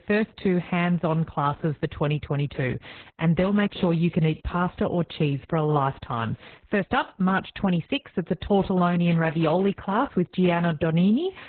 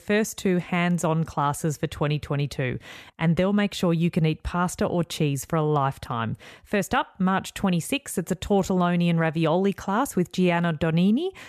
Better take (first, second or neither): second